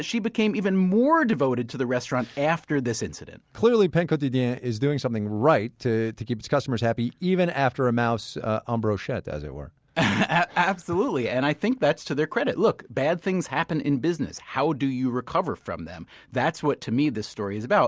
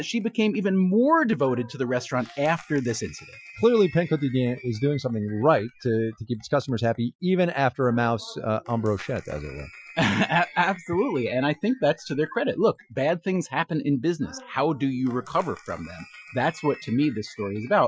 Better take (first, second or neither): first